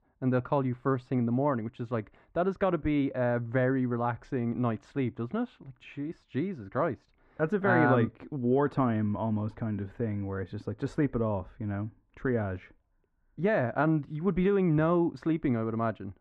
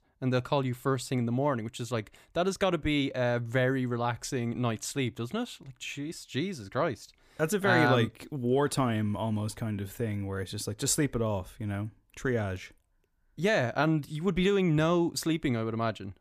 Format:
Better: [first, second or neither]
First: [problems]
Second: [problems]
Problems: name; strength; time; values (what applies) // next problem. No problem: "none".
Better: second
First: muffled; very; fading above 1.5 kHz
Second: none